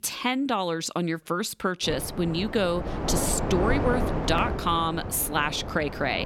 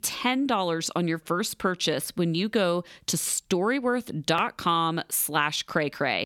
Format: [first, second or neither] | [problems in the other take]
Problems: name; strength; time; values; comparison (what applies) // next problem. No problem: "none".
second | wind noise on the microphone; heavy; from 2 s on; 6 dB below the speech